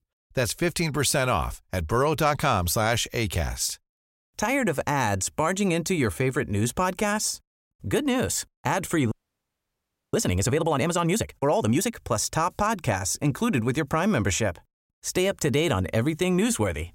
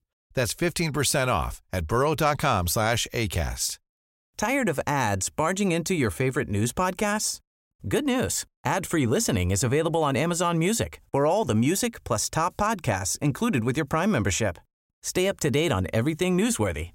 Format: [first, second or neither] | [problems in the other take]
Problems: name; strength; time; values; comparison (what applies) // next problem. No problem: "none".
second | audio freezing; at 9 s for 1 s